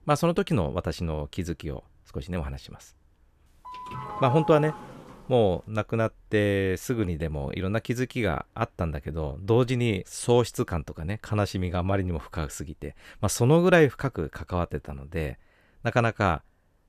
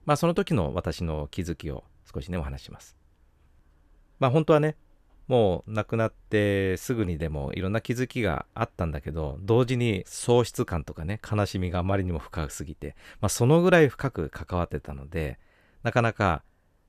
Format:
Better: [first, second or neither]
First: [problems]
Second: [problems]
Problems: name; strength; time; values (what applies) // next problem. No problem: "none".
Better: second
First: doorbell; noticeable; from 3.5 to 5 s; peak 5 dB below the speech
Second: none